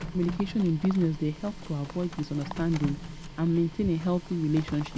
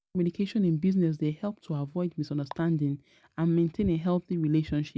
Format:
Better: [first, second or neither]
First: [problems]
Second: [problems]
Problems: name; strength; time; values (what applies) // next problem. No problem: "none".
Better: second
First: background sound (Livestock, farm animals, working animals + Printer); 11 dB below the speech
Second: none